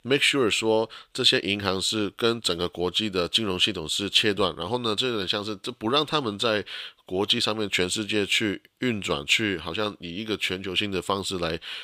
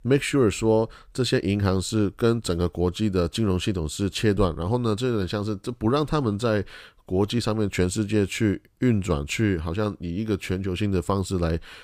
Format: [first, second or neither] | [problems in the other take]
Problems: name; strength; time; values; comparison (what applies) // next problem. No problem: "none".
second | thin; somewhat; fading below 500 Hz